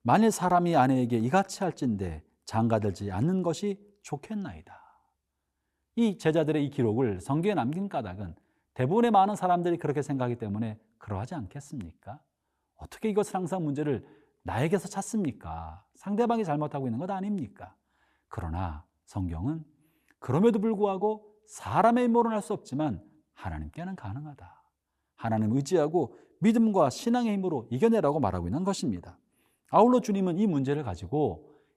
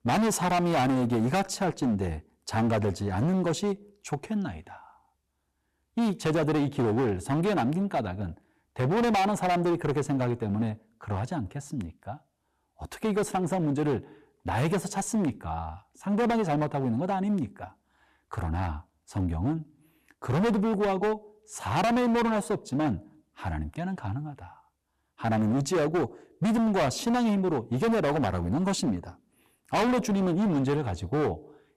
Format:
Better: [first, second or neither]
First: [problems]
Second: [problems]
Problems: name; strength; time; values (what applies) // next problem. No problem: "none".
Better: first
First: none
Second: distortion; heavy; 16% of the sound clipped